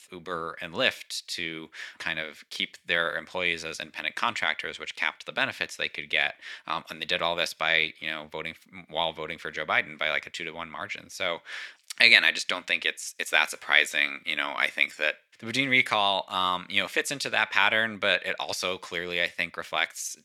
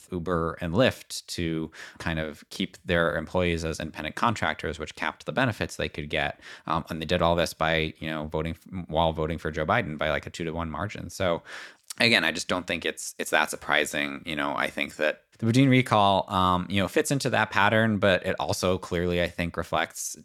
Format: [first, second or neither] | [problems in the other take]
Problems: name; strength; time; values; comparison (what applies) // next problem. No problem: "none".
second | thin; somewhat; fading below 600 Hz